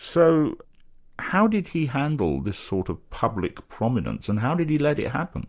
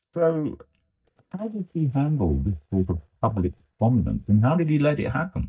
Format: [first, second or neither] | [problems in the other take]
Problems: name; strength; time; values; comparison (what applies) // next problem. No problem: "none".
first | noise reduction (neural mask model DeepFilterNet 3)